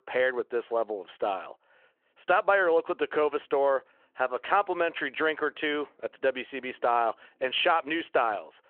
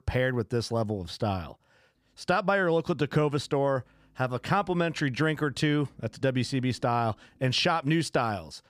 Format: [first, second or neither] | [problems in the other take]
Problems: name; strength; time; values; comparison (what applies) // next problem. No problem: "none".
second | phone-call audio